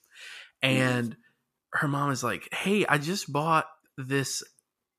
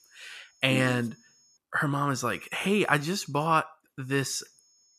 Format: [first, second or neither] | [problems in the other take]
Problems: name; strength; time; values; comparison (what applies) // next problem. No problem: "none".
first | high-pitched whine; faint; until 1.5 s, from 2.5 to 3.5 s and at 4 s; 6.5 kHz, 35 dB below the speech